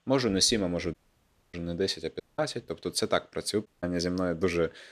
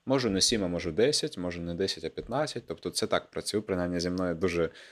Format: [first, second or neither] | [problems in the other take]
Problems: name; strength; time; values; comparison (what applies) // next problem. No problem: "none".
second | audio cutting out; at 1 s for 0.5 s, at 2 s and at 3.5 s